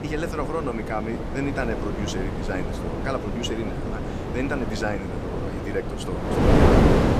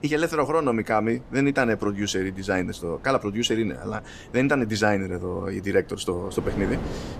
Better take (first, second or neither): second